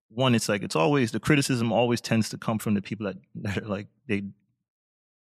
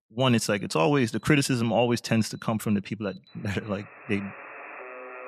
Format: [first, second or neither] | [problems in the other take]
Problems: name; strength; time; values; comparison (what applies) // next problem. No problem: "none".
first | alarms or sirens; noticeable; throughout; 15 dB below the speech